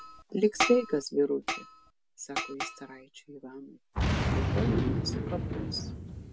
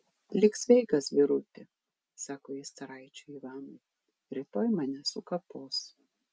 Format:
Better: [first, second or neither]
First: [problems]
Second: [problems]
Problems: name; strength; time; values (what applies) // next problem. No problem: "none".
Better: second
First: background sound (Boom); as loud as the speech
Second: none